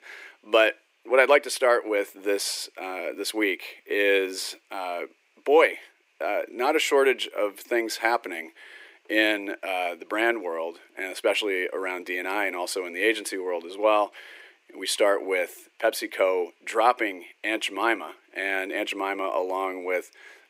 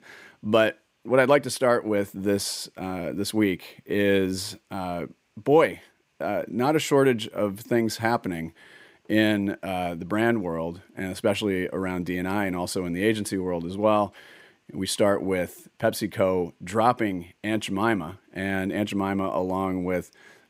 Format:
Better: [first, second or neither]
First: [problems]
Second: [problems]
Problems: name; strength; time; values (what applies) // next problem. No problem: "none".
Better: second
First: thin; very; fading below 350 Hz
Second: none